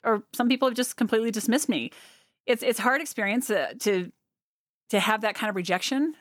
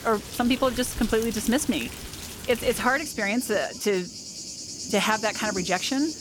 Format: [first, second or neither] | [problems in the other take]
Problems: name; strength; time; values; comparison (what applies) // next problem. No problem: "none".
first | rain or running water; loud; throughout; 9 dB below the speech